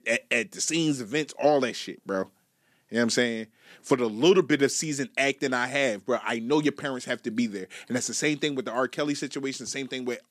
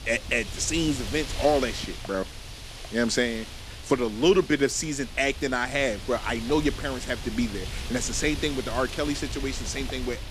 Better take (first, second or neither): first